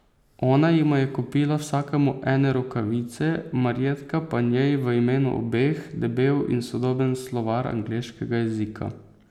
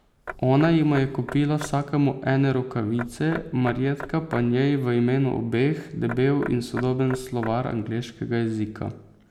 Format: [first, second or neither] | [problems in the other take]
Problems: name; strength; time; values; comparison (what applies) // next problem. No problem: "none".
first | background sound (Knock / Wood); 16 dB below the speech